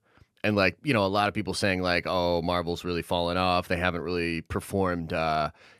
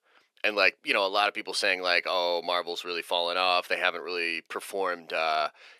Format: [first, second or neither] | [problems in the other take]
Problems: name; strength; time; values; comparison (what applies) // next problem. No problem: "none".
first | thin; very; fading below 400 Hz